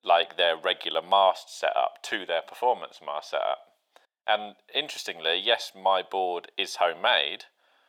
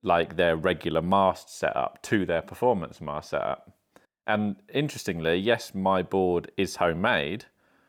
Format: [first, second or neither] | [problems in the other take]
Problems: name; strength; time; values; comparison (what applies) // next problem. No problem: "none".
second | thin; very; fading below 600 Hz